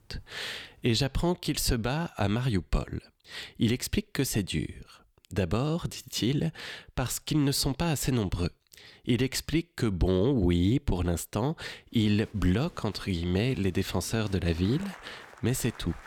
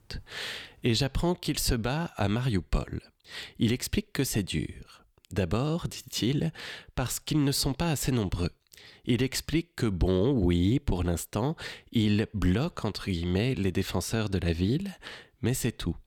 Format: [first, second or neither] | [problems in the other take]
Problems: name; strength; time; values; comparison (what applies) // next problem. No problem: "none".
second | crowd noise; faint; from 12 s on; 20 dB below the speech